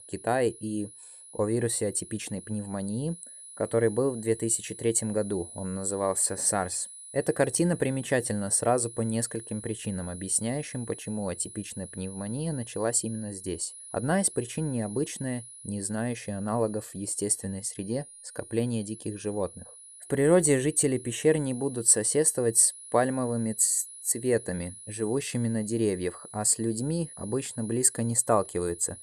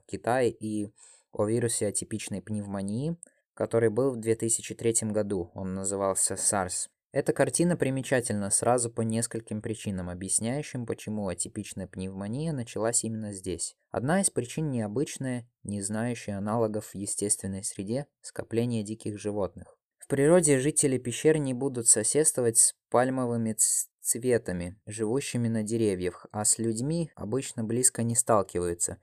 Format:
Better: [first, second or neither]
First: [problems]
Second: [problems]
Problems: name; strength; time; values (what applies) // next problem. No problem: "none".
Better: second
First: high-pitched whine; noticeable; throughout; 10.5 kHz, 15 dB below the speech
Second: none